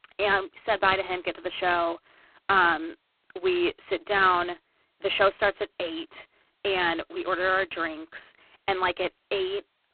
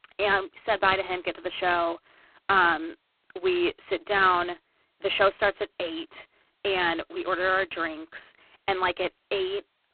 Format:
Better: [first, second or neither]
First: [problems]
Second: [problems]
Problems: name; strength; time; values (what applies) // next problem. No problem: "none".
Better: neither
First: phone-call audio; poor line; nothing above 4 kHz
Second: phone-call audio; poor line; nothing above 4 kHz